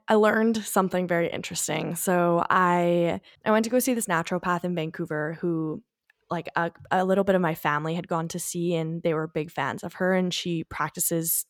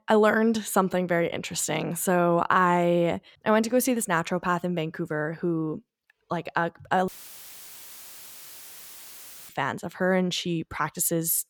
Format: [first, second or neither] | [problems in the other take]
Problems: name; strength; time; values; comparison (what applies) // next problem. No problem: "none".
first | audio cutting out; filled with static; at 7 s for 2.5 s